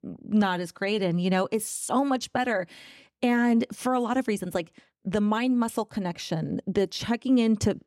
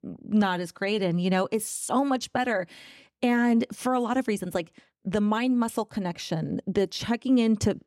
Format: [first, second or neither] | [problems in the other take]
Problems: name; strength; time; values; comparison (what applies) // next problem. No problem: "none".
neither | none